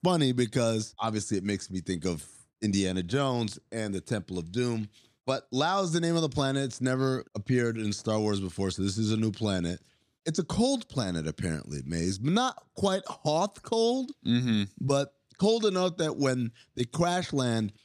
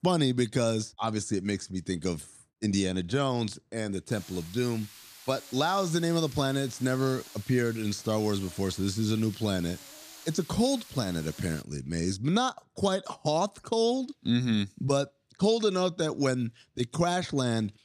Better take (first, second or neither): first